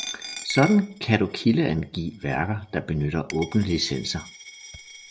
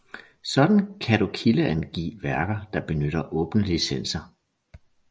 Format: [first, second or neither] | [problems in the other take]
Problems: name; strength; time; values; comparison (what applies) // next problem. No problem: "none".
second | background sound (Coin (dropping)); 15 dB below the speech